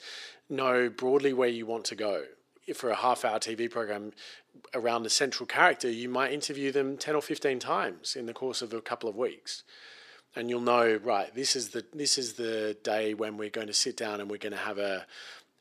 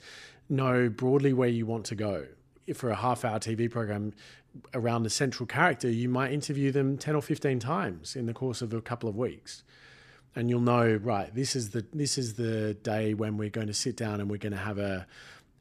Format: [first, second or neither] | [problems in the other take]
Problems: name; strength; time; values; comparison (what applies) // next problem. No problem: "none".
second | thin; somewhat; fading below 450 Hz